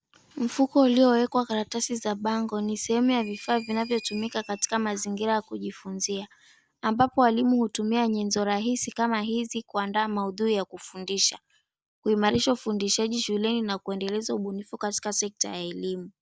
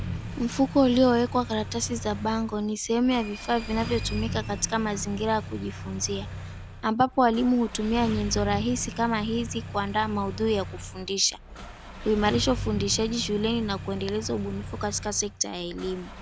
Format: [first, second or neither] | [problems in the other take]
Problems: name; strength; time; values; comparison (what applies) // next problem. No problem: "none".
first | background sound (Engine starting); 9 dB below the speech